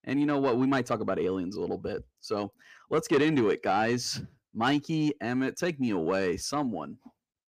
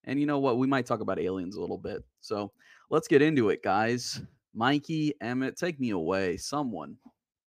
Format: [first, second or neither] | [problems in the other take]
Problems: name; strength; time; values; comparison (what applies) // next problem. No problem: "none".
second | distortion; slight; 10 dB below the speech